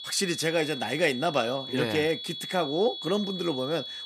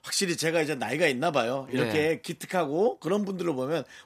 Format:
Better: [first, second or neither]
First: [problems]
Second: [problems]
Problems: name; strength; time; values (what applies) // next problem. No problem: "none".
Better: second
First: high-pitched whine; loud; throughout; 3.5 kHz, 8 dB below the speech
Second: none